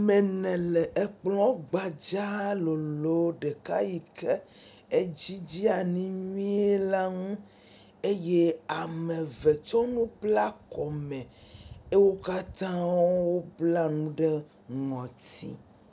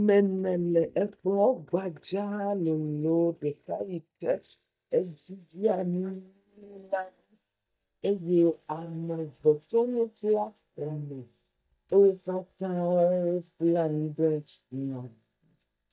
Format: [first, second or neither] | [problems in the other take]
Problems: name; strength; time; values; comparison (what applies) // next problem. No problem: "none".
first | noise reduction (neural mask model DeepFilterNet 3)